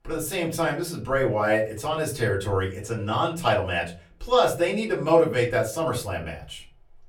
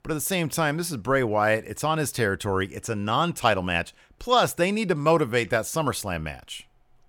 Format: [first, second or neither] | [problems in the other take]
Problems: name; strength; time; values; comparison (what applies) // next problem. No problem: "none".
second | off-mic speech; far // room echo; very slight; dies away in 0.3 s